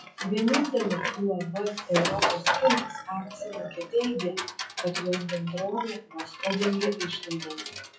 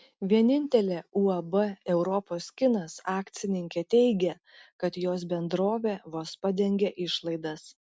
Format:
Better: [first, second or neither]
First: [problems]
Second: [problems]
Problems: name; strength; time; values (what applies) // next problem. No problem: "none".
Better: second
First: noise reduction (classical method WPE with log-MMSE)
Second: none